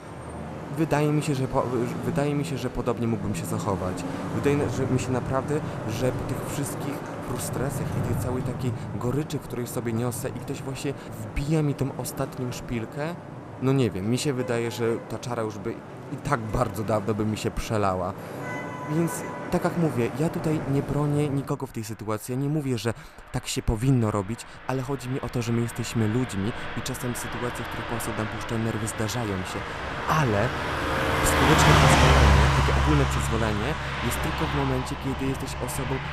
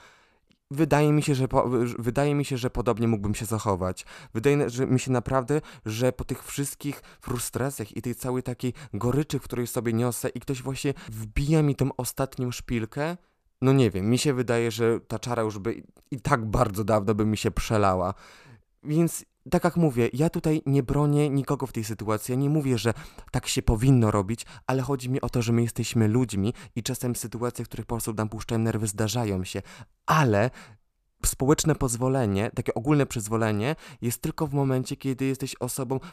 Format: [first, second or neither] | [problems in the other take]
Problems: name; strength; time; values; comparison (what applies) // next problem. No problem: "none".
second | traffic noise; loud; throughout; 1 dB below the speech